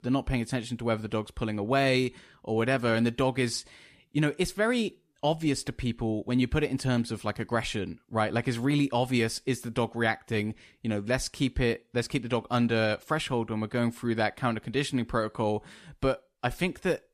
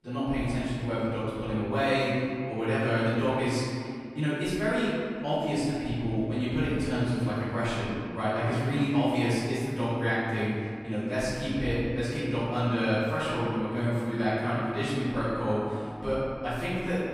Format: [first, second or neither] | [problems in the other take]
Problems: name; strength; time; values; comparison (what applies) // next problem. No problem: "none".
first | room echo; strong; dies away in 2.2 s // off-mic speech; far